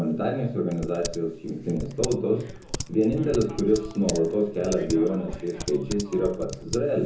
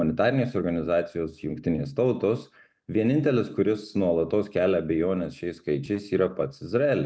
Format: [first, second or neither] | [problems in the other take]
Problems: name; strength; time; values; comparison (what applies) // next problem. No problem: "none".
second | background sound (Typing); 11 dB below the speech // room echo; dies away in 0.6 s